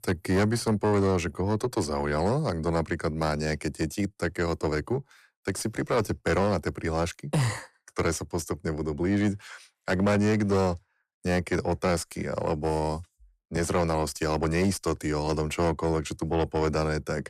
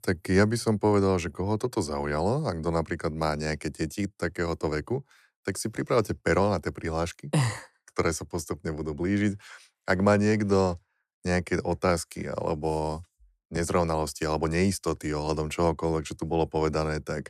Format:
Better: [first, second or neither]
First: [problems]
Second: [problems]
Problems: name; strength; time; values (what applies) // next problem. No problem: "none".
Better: second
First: distortion; slight; 10 dB below the speech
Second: none